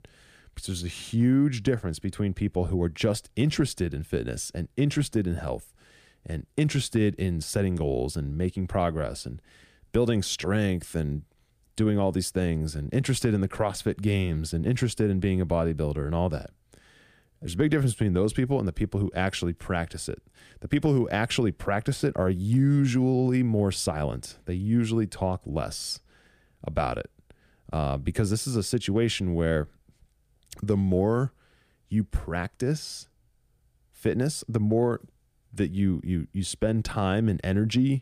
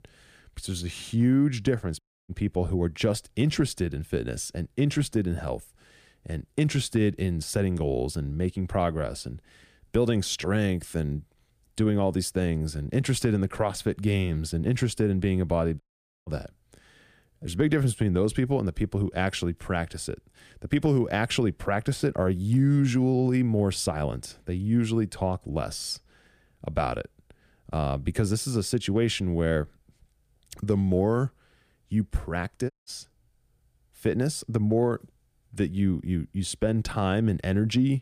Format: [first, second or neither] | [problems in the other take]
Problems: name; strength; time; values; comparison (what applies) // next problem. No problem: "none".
first | audio cutting out; at 2 s, at 16 s and at 33 s